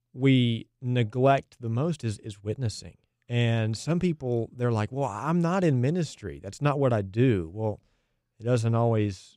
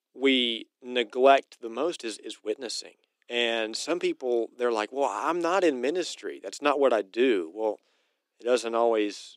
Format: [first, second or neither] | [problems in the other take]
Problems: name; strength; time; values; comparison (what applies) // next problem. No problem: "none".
first | thin; somewhat; fading below 300 Hz